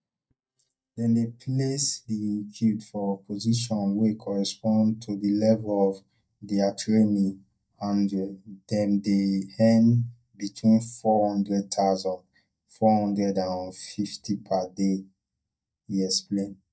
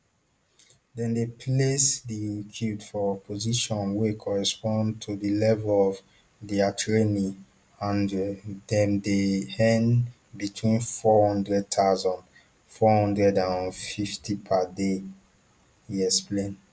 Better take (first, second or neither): second